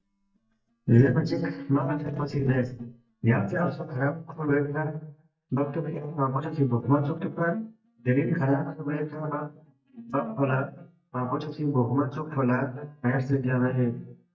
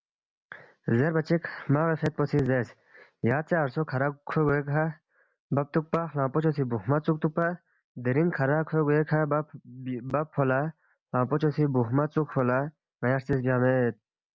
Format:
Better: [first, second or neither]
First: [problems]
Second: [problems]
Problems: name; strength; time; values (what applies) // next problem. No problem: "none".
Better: second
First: noise reduction (neural mask model DeepFilterNet 3)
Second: none